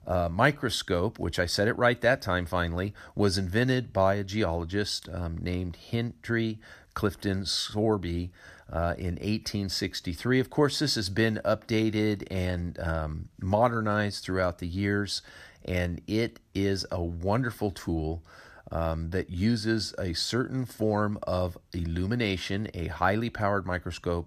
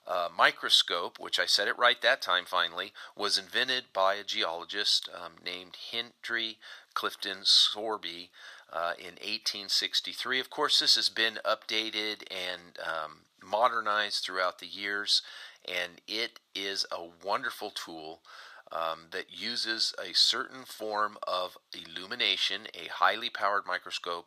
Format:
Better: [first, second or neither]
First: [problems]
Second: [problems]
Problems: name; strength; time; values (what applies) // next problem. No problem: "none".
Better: first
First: none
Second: thin; very; fading below 700 Hz